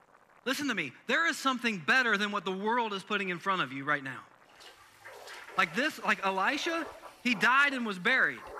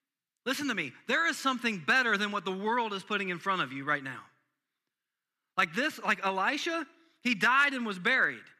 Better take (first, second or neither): second